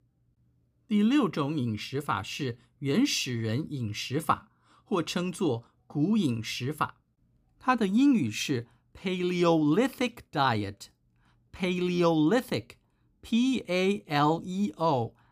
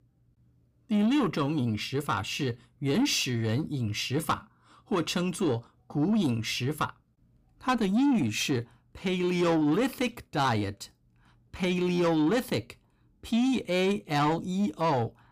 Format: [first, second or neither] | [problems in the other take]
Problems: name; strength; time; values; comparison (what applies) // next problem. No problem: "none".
first | distortion; slight; 10 dB below the speech